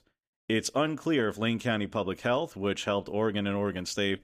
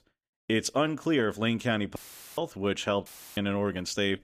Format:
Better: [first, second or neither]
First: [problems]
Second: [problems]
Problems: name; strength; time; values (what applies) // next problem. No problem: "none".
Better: first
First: none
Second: audio cutting out; filled with static; at 2 s and at 3 s